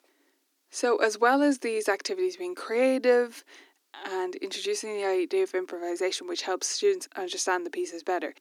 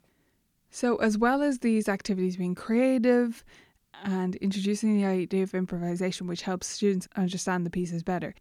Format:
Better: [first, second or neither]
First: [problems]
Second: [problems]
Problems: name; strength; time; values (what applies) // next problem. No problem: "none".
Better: second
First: thin; somewhat; fading below 300 Hz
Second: none